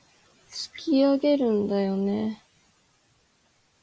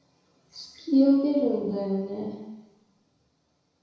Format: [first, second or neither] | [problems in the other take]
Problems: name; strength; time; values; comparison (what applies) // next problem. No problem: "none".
first | room echo; dies away in 1 s